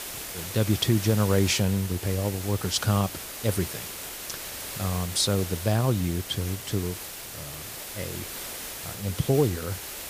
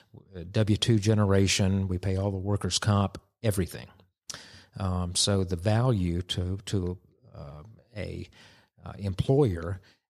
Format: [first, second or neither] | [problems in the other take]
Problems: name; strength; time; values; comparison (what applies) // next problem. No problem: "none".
second | hiss; loud; throughout; 8 dB below the speech